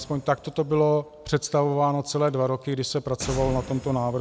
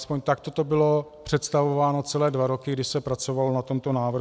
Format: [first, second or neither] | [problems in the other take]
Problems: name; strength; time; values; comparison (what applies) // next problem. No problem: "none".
second | background sound (Boom); 16 dB below the speech